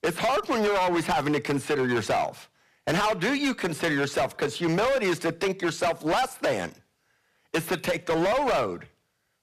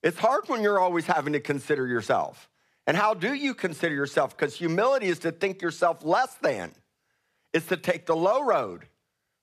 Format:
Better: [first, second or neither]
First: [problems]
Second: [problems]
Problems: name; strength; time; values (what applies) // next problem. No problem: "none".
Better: second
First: distortion; heavy; 21% of the sound clipped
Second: none